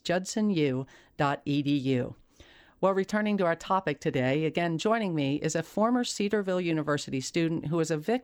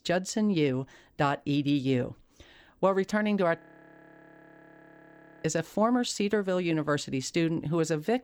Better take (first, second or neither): first